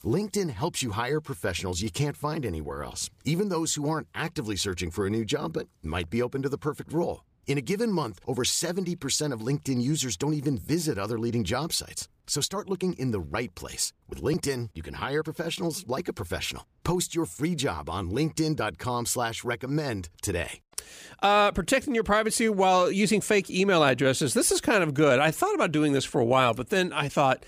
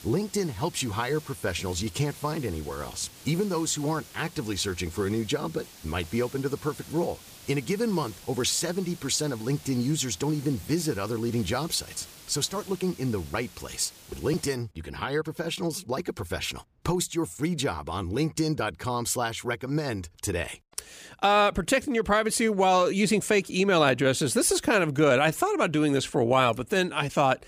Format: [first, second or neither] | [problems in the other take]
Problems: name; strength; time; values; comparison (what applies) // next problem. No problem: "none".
first | hiss; noticeable; until 15 s; 20 dB below the speech